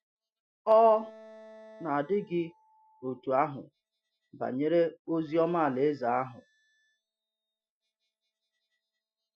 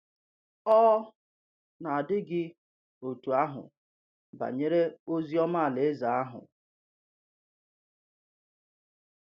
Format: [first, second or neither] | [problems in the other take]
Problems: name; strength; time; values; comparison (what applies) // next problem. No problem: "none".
second | noise reduction (classical method Wiener filter)